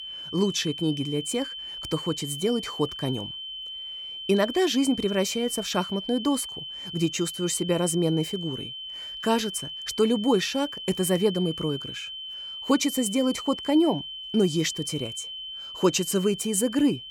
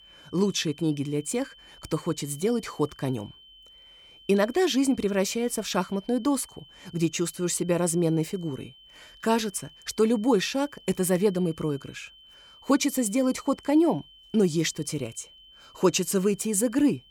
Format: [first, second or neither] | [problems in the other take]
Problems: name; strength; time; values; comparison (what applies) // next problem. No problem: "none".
second | high-pitched whine; loud; throughout; 3 kHz, 8 dB below the speech; faint in the second